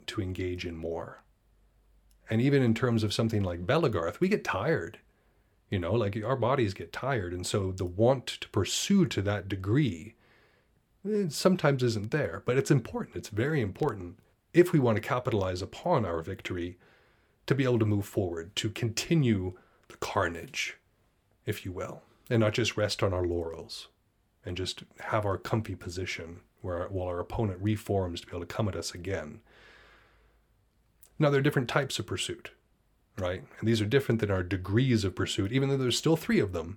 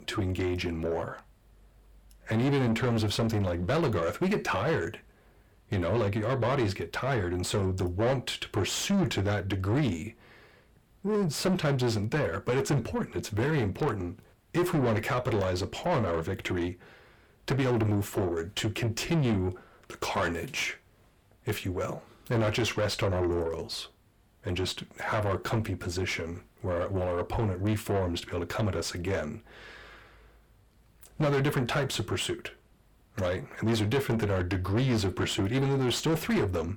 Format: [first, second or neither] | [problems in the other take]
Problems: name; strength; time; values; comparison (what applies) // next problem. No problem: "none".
first | distortion; heavy; 6 dB below the speech